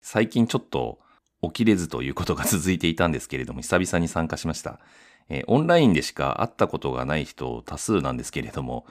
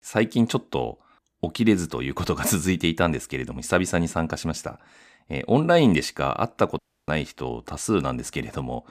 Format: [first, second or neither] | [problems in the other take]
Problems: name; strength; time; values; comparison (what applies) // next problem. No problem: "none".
first | audio cutting out; at 7 s